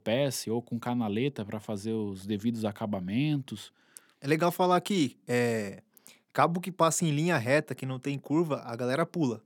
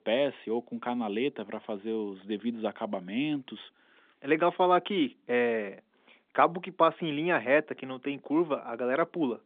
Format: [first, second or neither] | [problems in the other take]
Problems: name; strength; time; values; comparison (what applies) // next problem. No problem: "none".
first | phone-call audio